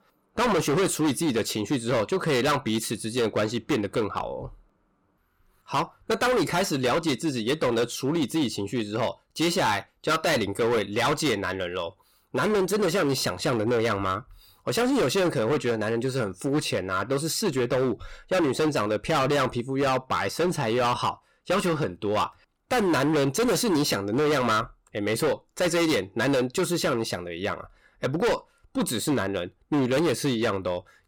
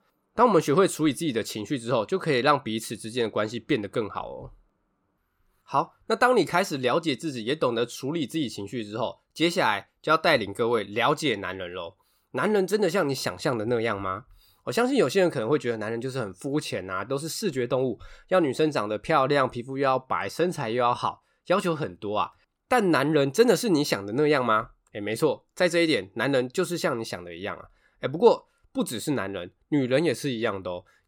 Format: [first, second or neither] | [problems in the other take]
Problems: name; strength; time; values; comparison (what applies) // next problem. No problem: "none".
second | distortion; heavy; 17% of the sound clipped